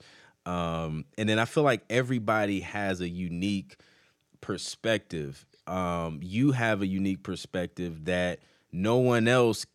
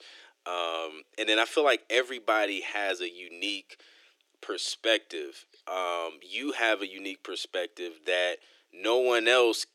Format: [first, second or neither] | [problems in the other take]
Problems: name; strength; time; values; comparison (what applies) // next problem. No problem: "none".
first | thin; very; fading below 350 Hz